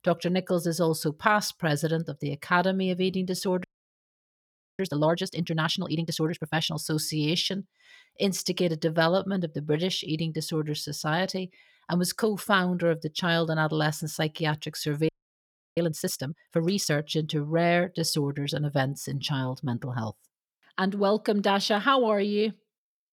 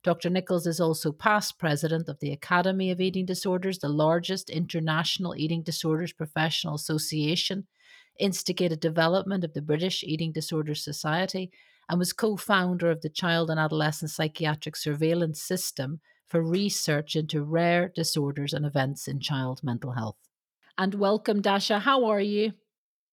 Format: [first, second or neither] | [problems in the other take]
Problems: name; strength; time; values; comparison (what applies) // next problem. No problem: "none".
second | audio freezing; at 3.5 s for 1 s and at 15 s for 0.5 s